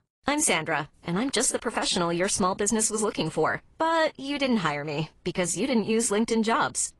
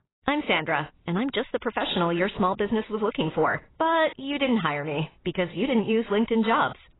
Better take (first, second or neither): first